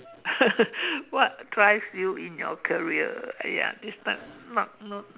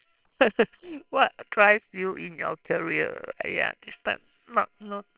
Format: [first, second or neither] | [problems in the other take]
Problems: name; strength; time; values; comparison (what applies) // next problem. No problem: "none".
first | noise reduction (neural separator model SepFormer WHAMR!)